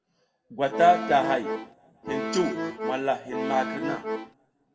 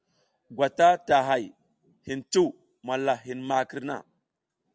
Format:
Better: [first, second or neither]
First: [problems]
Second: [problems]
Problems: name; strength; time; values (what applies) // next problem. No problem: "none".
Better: second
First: background sound (Accordion); 4 dB below the speech // room echo; dies away in 0.6 s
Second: none